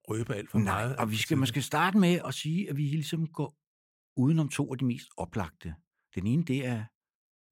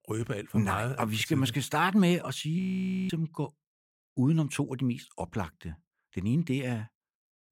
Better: first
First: none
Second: audio freezing; at 2.5 s for 0.5 s

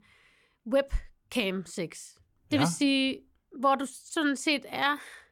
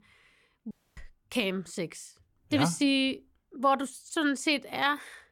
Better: first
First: none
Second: audio cutting out; at 0.5 s

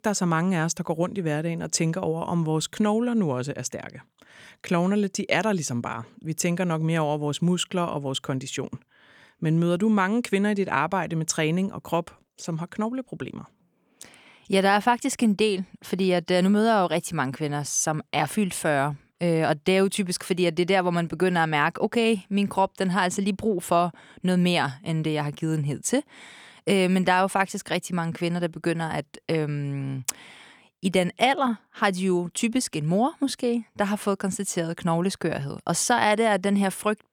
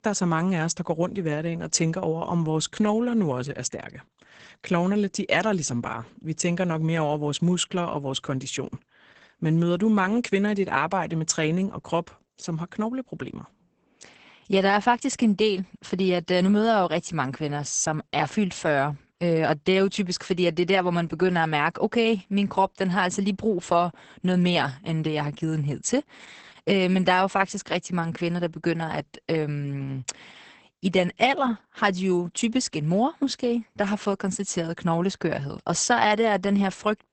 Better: first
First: none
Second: garbled, watery; badly; nothing above 8 kHz

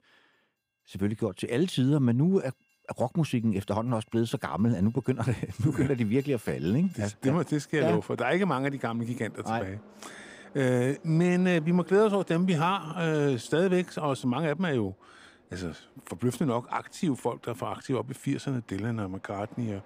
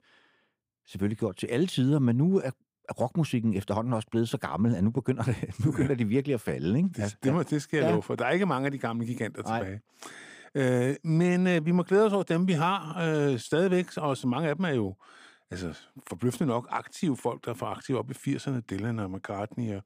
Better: second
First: train or aircraft noise; faint; throughout; 25 dB below the speech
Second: none

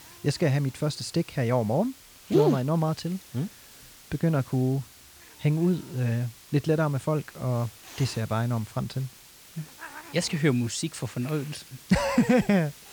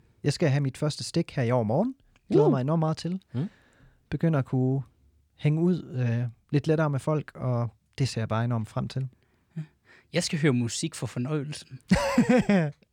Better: second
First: hiss; noticeable; throughout; 20 dB below the speech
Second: none

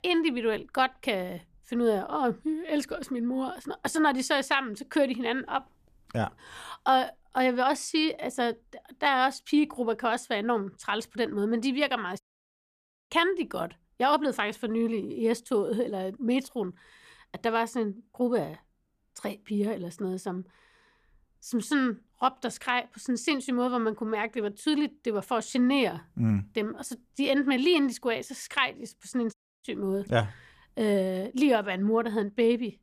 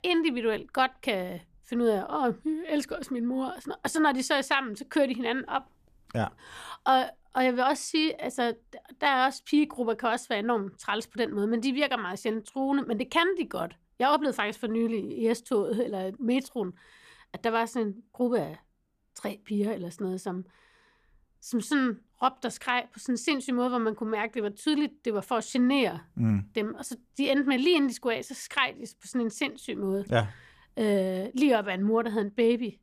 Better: second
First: audio cutting out; at 12 s for 1 s and at 29 s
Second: none

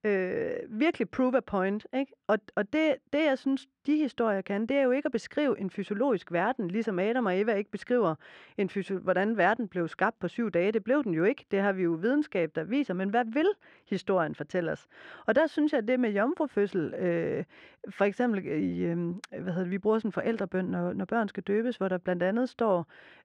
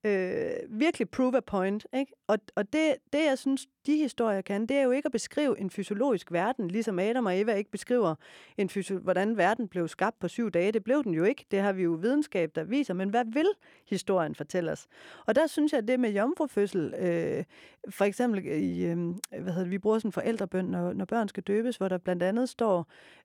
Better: second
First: muffled; slightly; fading above 3.5 kHz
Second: none

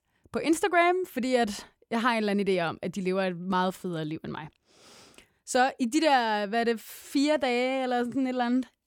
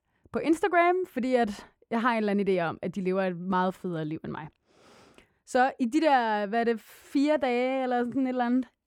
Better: first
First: none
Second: muffled; slightly; fading above 2.5 kHz

